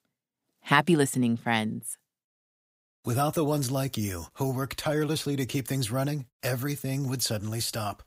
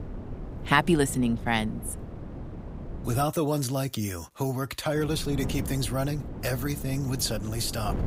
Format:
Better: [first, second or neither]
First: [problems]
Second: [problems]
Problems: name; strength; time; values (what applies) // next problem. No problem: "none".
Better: first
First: none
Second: wind noise on the microphone; occasional gusts; until 3 s and from 5 s on; 15 dB below the speech